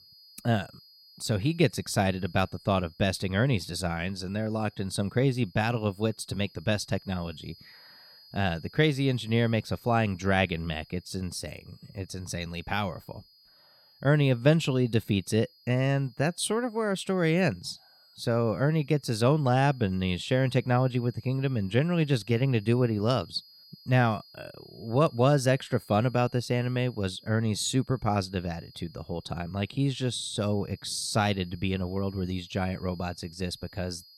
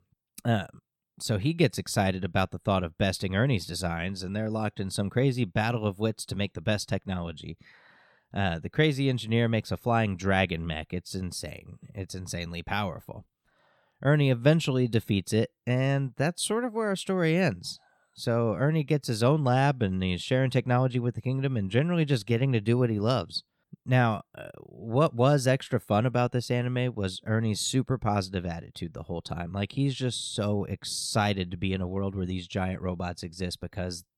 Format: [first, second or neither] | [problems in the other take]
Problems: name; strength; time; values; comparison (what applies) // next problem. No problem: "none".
second | high-pitched whine; faint; throughout; 5 kHz, 25 dB below the speech